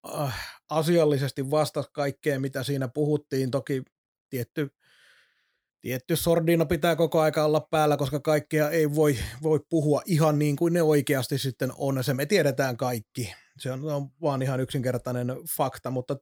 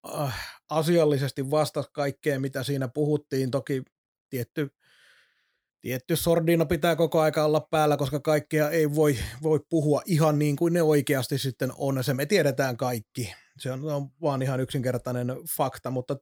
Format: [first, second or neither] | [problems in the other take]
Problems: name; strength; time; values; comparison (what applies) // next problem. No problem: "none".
neither | none